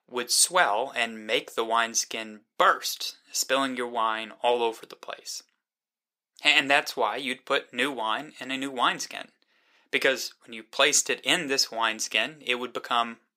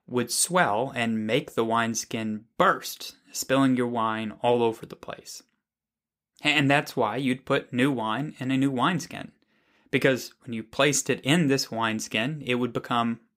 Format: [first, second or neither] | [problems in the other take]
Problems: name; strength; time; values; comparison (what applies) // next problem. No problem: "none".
second | thin; somewhat; fading below 500 Hz